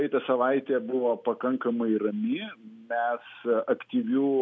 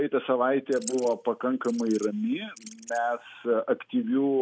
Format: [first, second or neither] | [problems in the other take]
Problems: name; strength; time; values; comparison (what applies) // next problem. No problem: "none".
first | noise reduction (neural mask model RNNoise)